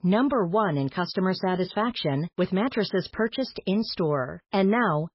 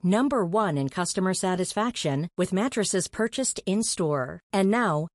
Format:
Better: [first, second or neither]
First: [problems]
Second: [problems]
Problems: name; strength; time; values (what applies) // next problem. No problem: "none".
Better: second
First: garbled, watery; badly; nothing above 5.5 kHz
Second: garbled, watery; slightly; nothing above 11 kHz